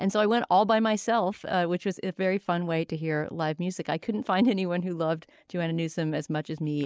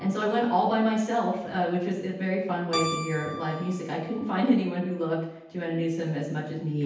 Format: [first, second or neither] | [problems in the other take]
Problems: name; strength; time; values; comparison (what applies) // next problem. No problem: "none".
first | background sound (Keyboard (musical)); 14 dB below the speech // room echo; dies away in 0.9 s